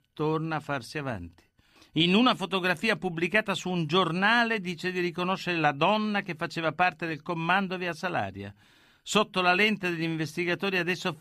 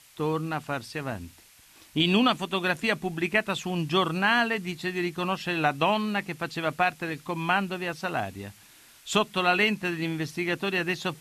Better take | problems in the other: first | hiss; faint; throughout; 25 dB below the speech

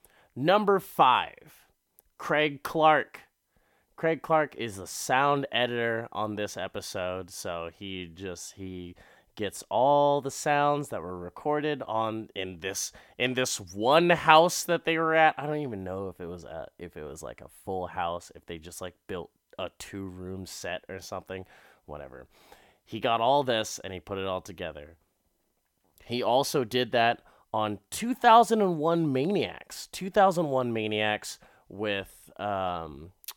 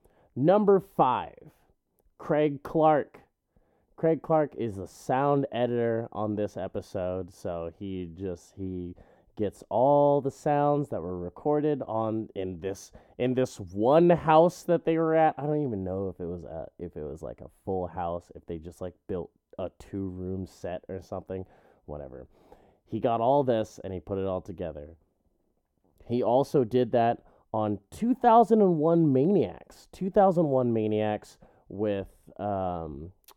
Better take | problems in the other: first | muffled; slightly; fading above 1 kHz

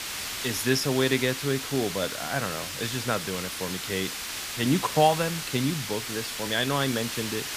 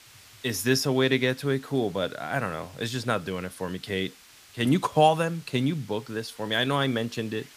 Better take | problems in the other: second | hiss; loud; throughout; 4 dB below the speech; faint in the second

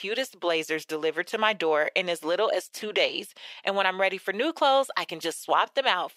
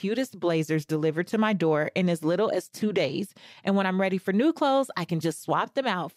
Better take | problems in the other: second | thin; very; fading below 600 Hz

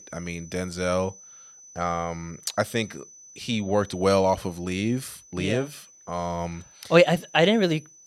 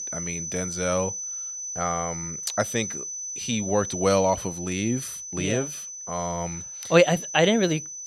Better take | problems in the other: first | high-pitched whine; loud; throughout; 6 kHz, 6 dB below the speech; faint in the first

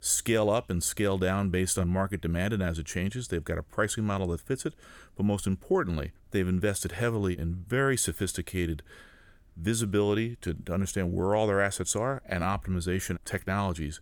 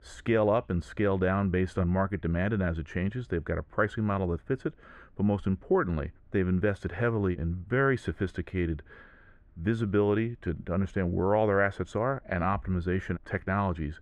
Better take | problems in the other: first | muffled; very; fading above 1.5 kHz

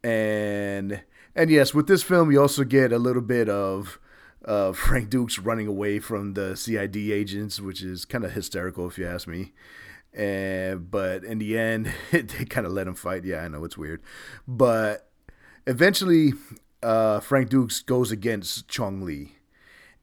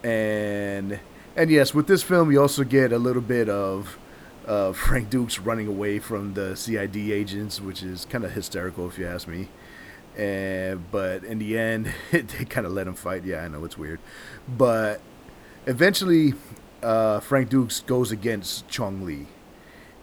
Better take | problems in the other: first | hiss; faint; throughout; 25 dB below the speech

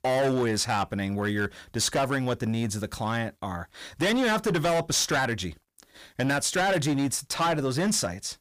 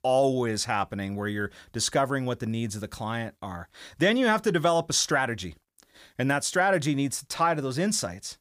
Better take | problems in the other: second | distortion; heavy; 15% of the sound clipped

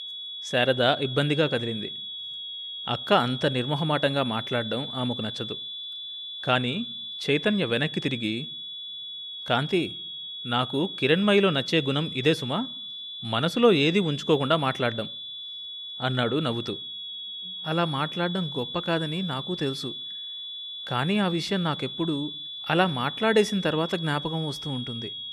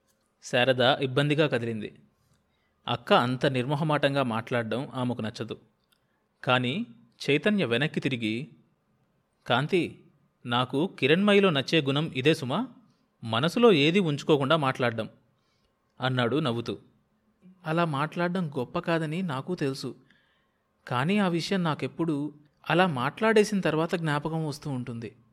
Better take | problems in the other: second | high-pitched whine; loud; throughout; 3.5 kHz, 8 dB below the speech

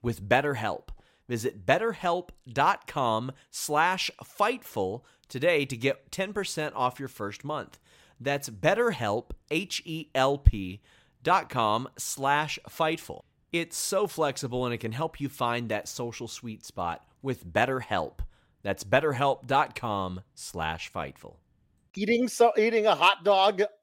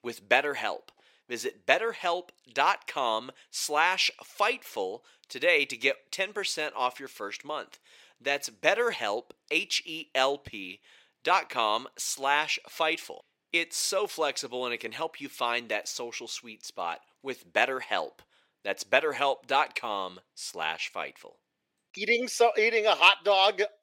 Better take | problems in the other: first | thin; somewhat; fading below 400 Hz

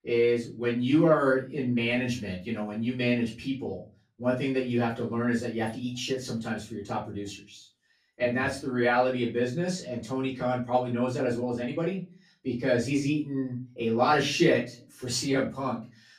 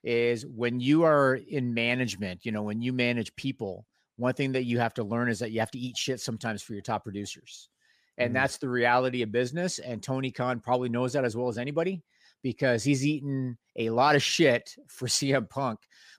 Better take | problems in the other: second | off-mic speech; far // room echo; slight; dies away in 0.3 s

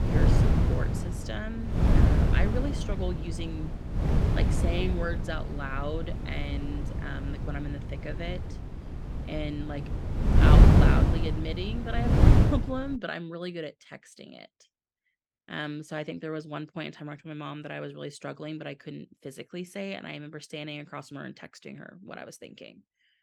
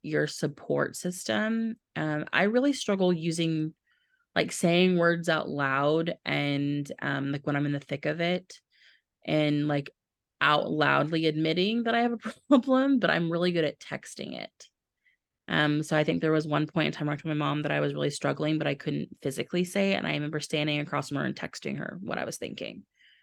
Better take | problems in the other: second | wind noise on the microphone; heavy; until 13 s; 2 dB above the speech

